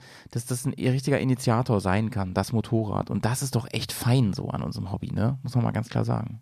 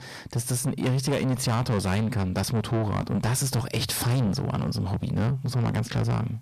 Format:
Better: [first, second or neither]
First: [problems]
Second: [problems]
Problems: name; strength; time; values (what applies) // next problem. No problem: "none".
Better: first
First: none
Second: distortion; heavy; 7 dB below the speech